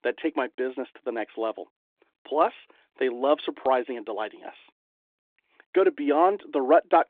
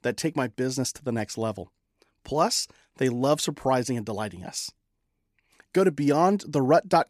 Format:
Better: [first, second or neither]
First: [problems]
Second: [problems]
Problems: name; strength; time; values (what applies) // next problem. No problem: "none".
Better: second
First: phone-call audio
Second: none